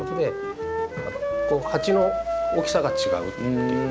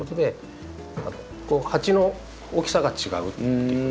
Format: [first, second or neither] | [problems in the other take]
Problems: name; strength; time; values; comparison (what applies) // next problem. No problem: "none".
second | background sound (Wind instrument, woodwind instrument); 1 dB below the speech